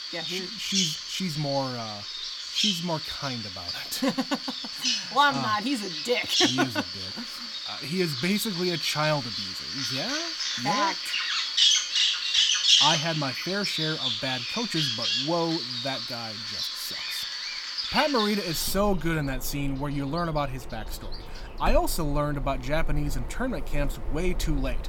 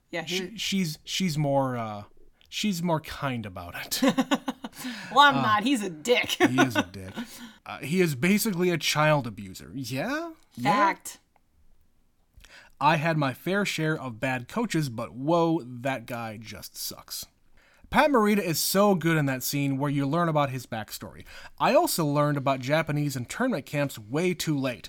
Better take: second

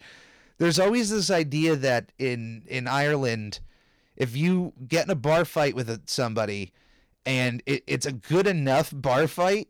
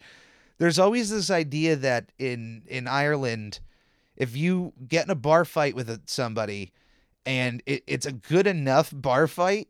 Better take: second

